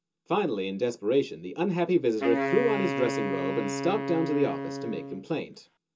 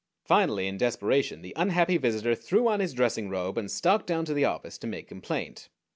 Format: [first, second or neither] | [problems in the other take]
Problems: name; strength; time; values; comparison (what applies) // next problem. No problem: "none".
second | background sound (Wind instrument, woodwind instrument); 4 dB below the speech // room echo; dies away in 0.2 s